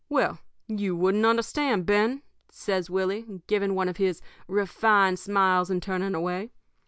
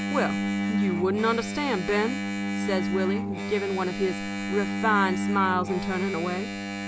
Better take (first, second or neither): first